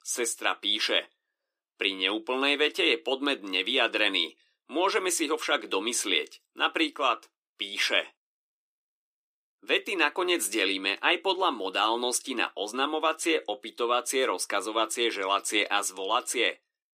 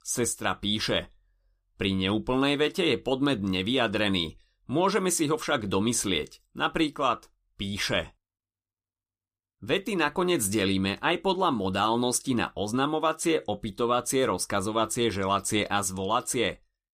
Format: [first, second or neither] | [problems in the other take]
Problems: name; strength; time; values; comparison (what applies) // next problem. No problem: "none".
second | thin; somewhat; fading below 300 Hz